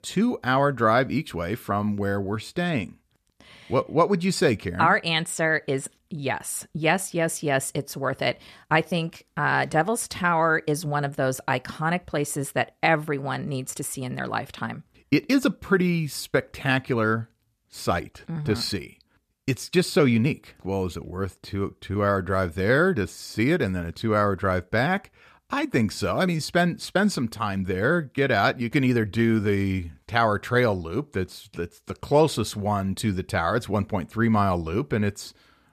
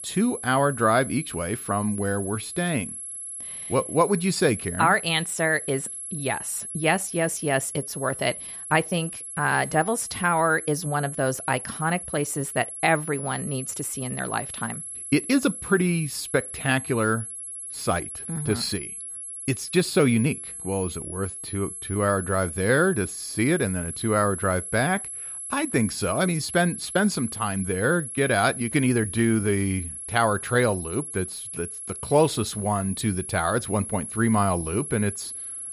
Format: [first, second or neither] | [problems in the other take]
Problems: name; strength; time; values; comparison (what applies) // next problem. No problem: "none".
first | high-pitched whine; loud; throughout; 11 kHz, 8 dB below the speech